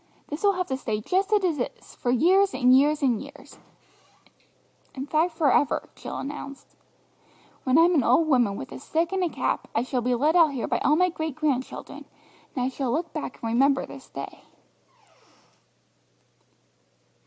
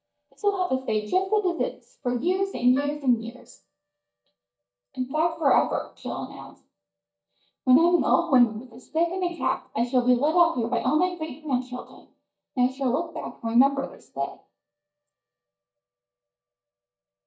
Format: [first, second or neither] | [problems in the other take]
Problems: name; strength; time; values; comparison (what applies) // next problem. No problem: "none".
first | noise reduction (neural mask model DeepFilterNet 3)